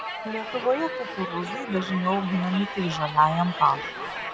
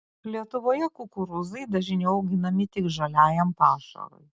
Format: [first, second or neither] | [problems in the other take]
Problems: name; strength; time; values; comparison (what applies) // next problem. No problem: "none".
second | background sound (Crowd); 7 dB below the speech